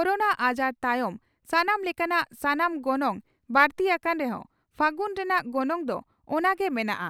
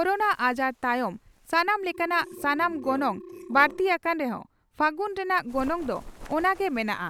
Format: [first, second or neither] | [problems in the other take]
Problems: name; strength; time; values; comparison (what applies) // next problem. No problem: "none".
first | background sound (Telephone + Bird); 18 dB below the speech